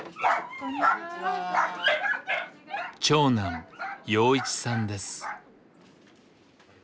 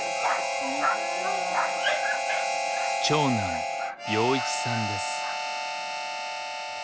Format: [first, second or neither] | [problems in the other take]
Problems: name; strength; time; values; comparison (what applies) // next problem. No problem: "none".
first | background sound (Harmonica); 1 dB above the speech